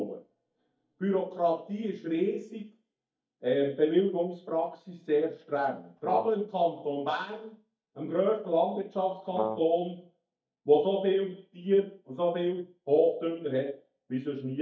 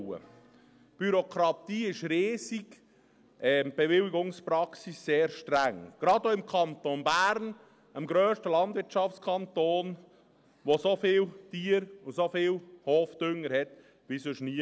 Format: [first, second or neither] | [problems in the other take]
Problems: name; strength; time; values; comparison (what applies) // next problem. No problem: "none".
second | noise reduction (neural mask model DeepFilterNet 3)